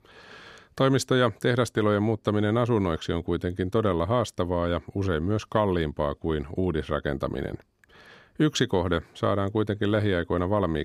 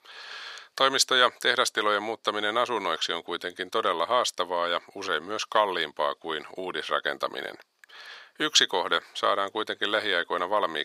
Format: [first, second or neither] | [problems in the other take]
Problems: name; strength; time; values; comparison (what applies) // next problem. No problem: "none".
first | thin; very; fading below 800 Hz